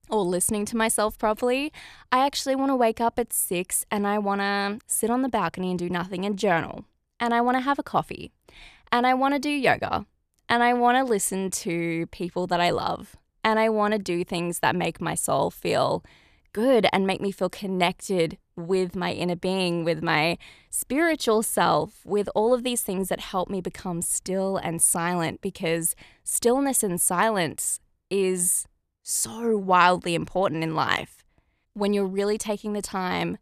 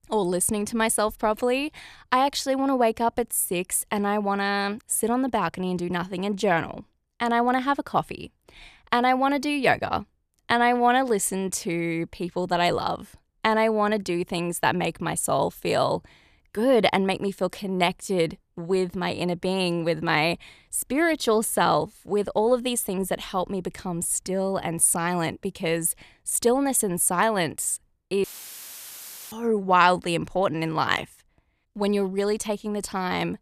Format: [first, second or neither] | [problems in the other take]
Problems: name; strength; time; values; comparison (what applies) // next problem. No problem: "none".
first | audio cutting out; filled with static; at 28 s for 1 s